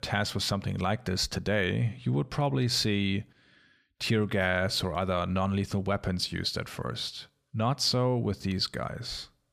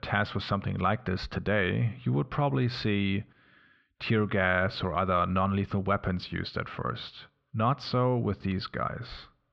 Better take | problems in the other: first | muffled; slightly; fading above 3.5 kHz

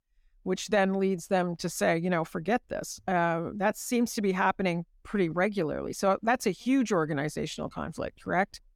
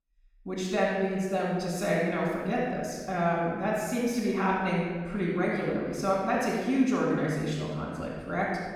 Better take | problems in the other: first | off-mic speech; far // room echo; strong; dies away in 1.4 s

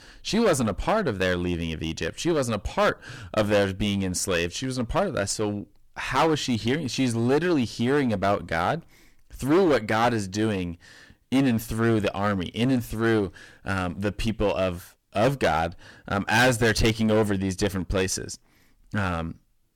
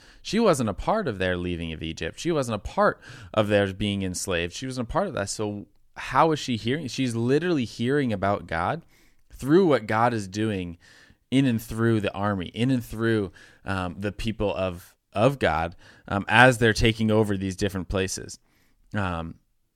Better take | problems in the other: second | distortion; heavy; 9% of the sound clipped

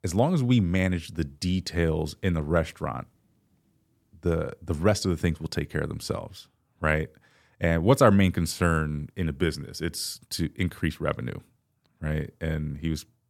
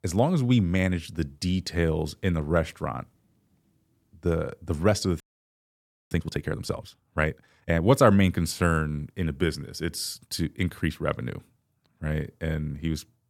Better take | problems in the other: first | audio freezing; at 5 s for 1 s

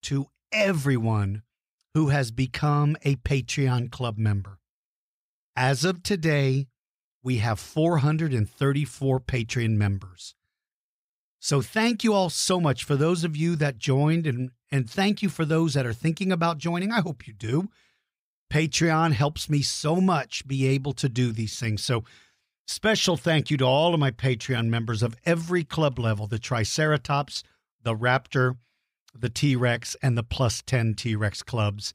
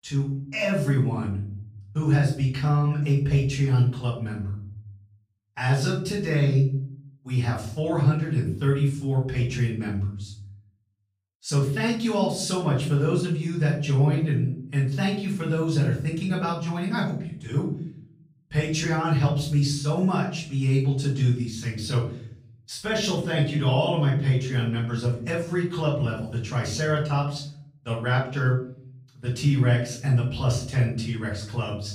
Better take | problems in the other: first | off-mic speech; far // room echo; noticeable; dies away in 0.7 s

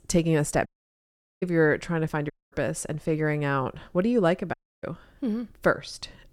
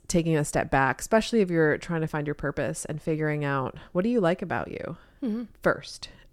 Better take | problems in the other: second | audio cutting out; at 0.5 s for 1 s, at 2.5 s and at 4.5 s

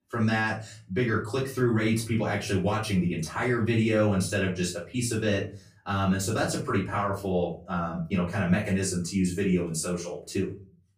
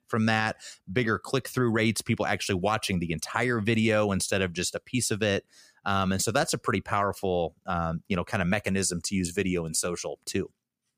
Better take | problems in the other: second | off-mic speech; far // room echo; slight; dies away in 0.4 s

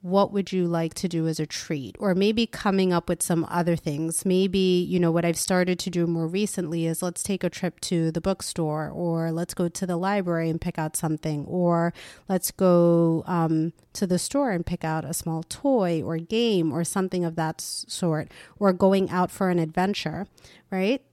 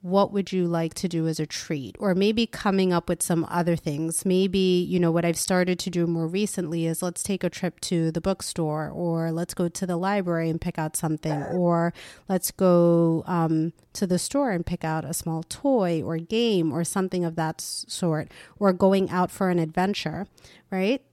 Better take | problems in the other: first | dog barking; noticeable; at 11 s; peak 9 dB below the speech

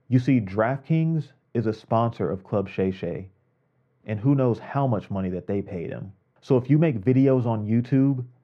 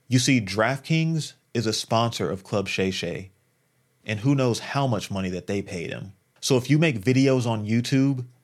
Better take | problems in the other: second | muffled; very; fading above 3 kHz

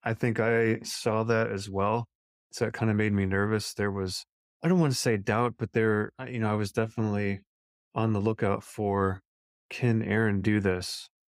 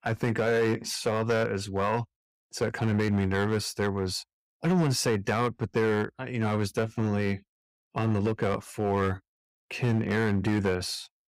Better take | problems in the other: first | distortion; slight; 6% of the sound clipped

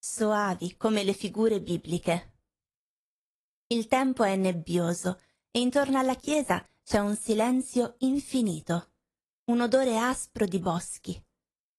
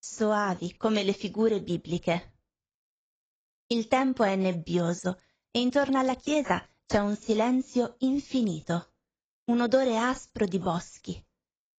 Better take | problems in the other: first | garbled, watery; badly; nothing above 7.5 kHz; slightly in the first

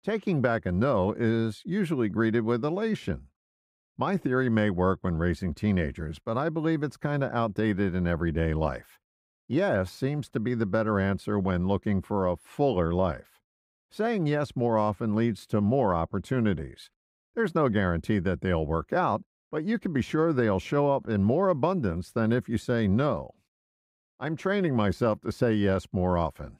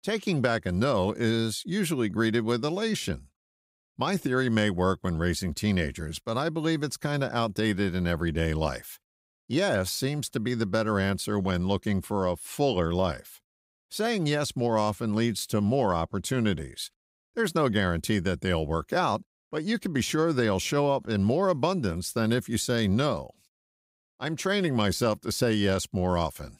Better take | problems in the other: second | muffled; slightly; fading above 3 kHz

